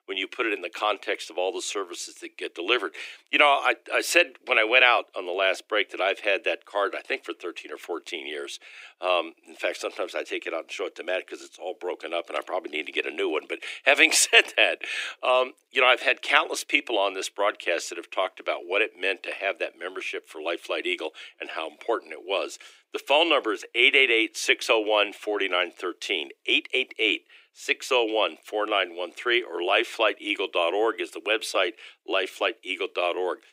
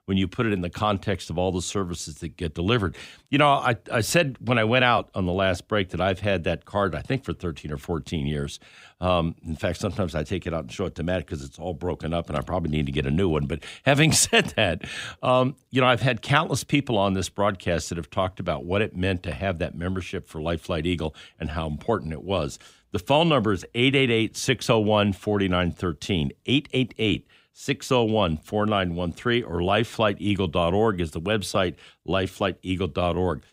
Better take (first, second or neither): second